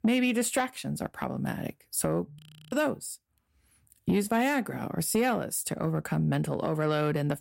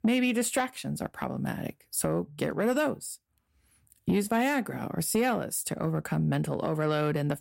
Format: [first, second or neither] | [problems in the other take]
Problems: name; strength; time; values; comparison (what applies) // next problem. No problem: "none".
second | audio freezing; at 2.5 s